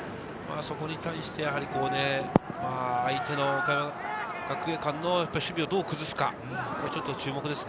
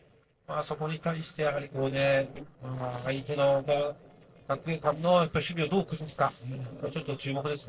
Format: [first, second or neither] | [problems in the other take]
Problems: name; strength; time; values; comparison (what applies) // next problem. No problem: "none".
first | noise reduction (neural separator model SepFormer DNS4)